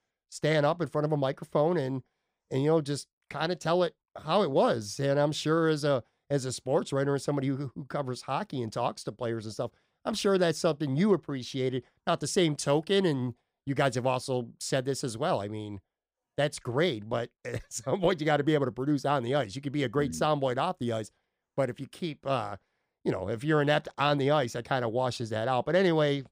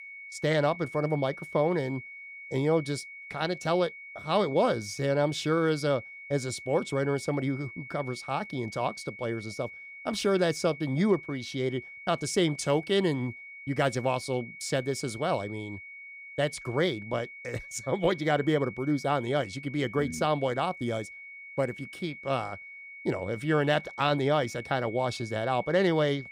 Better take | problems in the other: first | high-pitched whine; noticeable; throughout; 2 kHz, 15 dB below the speech

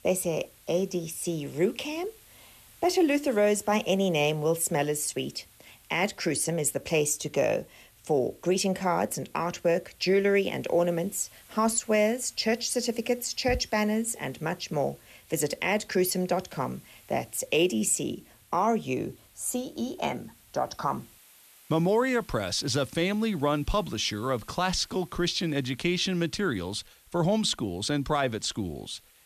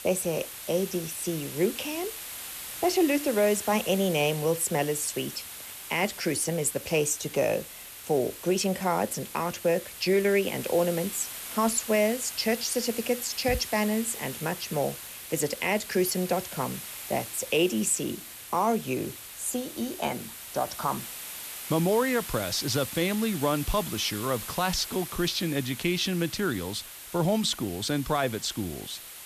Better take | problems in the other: first | hiss; loud; throughout; 10 dB below the speech; faint in the first

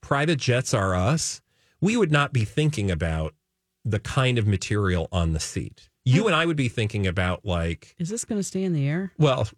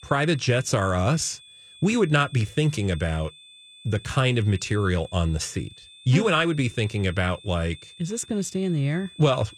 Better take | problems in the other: first | high-pitched whine; faint; throughout; 3.5 kHz, 20 dB below the speech

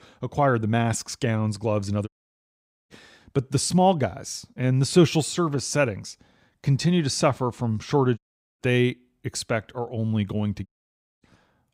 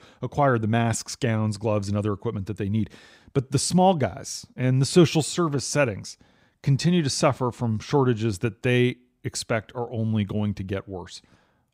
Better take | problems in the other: second | audio cutting out; at 2 s for 1 s, at 8 s and at 11 s for 0.5 s

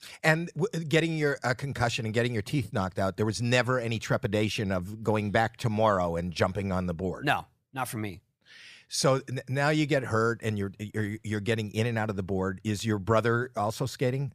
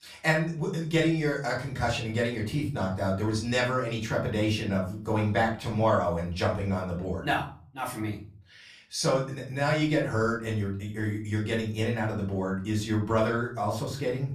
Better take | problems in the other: first | room echo; slight; dies away in 0.4 s // off-mic speech; far

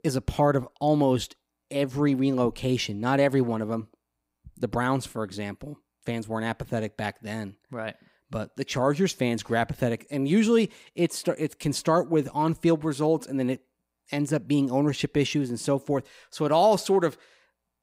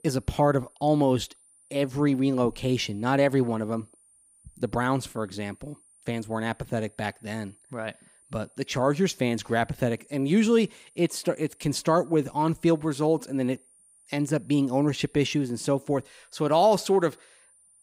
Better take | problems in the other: first | high-pitched whine; faint; throughout; 9 kHz, 30 dB below the speech

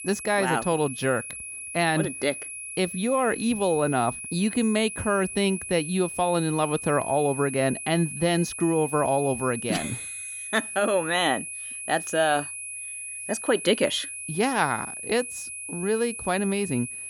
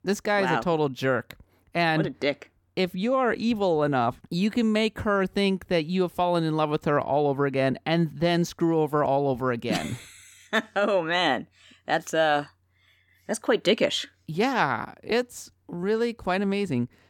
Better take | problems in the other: second | high-pitched whine; loud; throughout; 2.5 kHz, 8 dB below the speech

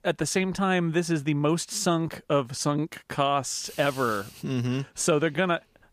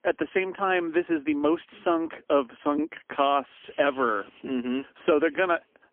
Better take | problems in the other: first | phone-call audio; poor line; nothing above 3.5 kHz

